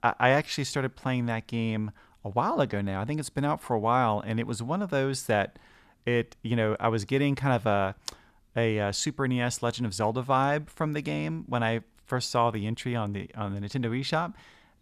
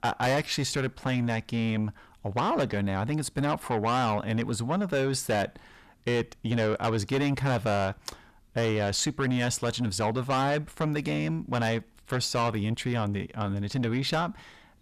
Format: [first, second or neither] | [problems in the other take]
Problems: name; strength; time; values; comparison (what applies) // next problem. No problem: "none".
first | distortion; heavy; 8 dB below the speech